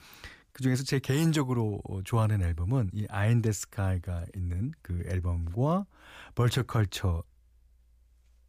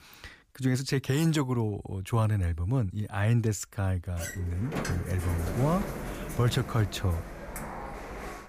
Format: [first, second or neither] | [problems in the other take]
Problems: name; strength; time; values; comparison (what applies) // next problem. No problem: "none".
first | door banging; noticeable; from 4 s on; peak 4 dB below the speech